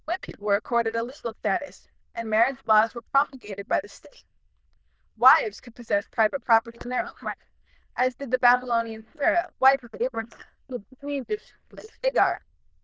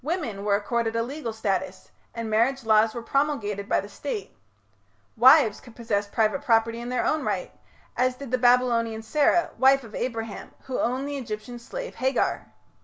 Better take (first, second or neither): second